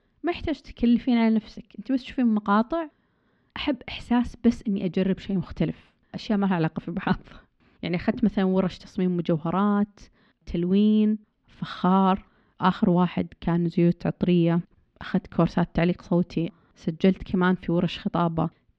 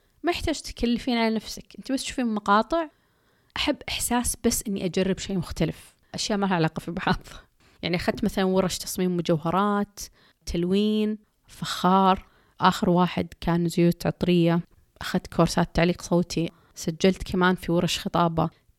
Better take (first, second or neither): second